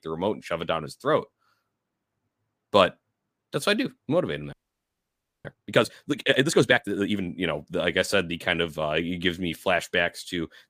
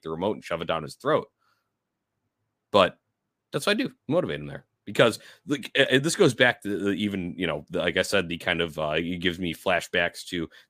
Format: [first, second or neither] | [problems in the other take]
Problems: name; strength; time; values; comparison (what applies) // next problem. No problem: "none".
second | audio freezing; at 4.5 s for 1 s